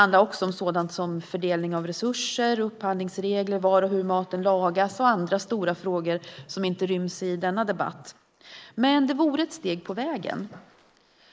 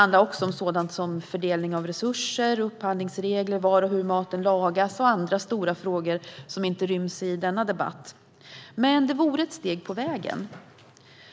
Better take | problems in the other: second | noise reduction (neural mask model Resemble Enhance denoiser)

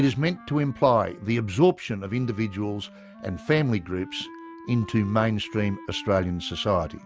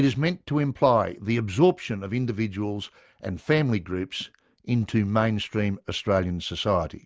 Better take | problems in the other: second | background sound (Wind instrument, woodwind instrument); 19 dB below the speech

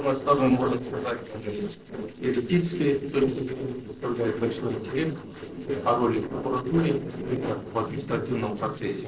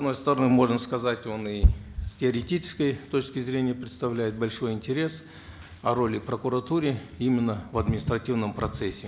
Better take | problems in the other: second | noise reduction (neural separator model SepFormer DNS4)

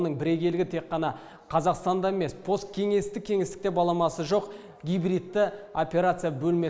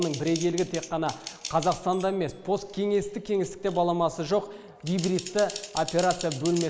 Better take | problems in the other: first | background sound (Typing); 14 dB below the speech

